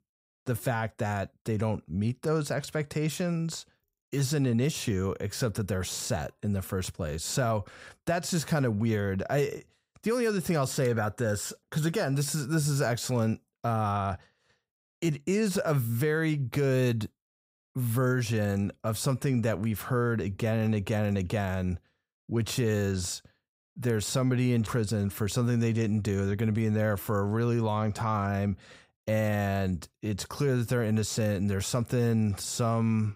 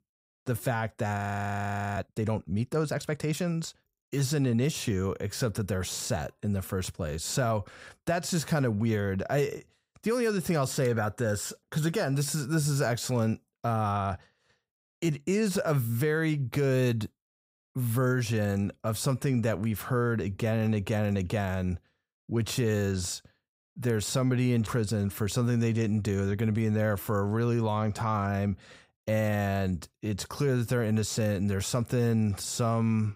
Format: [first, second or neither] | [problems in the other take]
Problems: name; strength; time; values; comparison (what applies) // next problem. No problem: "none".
first | audio freezing; at 1 s for 1 s